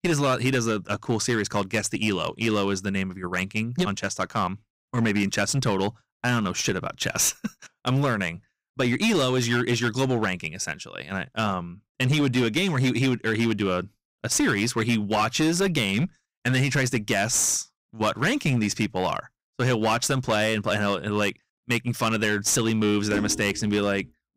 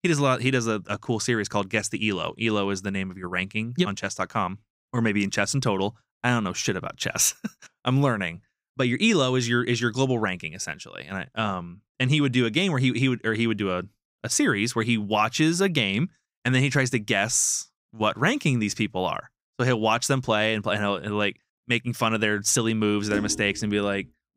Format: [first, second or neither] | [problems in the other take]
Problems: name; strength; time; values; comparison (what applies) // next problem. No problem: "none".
second | distortion; slight; 9% of the sound clipped